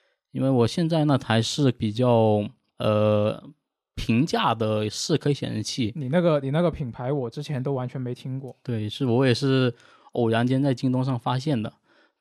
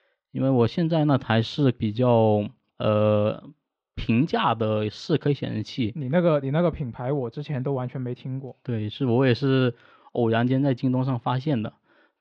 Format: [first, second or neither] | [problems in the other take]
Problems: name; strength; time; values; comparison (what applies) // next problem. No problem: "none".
first | muffled; slightly; fading above 3.5 kHz